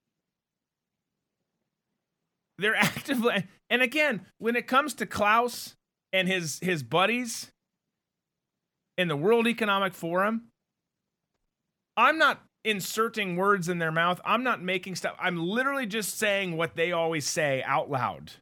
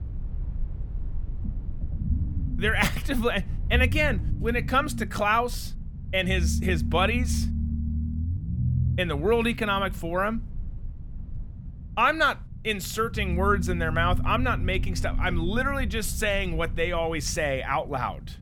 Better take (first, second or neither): first